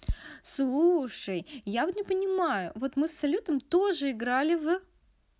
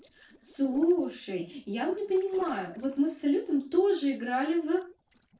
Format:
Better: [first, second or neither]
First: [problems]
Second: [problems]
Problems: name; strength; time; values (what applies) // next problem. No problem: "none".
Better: first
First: none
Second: noise reduction (neural separator model SepFormer DNS4)